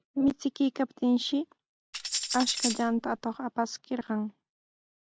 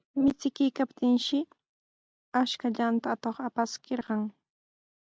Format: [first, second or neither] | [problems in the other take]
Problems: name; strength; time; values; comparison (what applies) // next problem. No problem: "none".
second | background sound (Tambourine); 4 dB below the speech